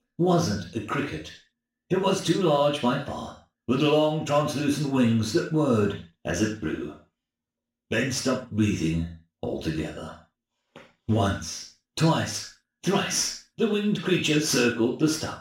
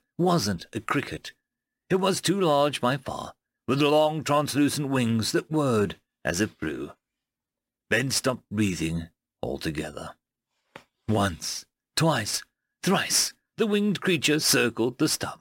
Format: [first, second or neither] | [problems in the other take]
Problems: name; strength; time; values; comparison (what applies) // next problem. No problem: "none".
second | room echo; noticeable; dies away in 0.4 s // off-mic speech; far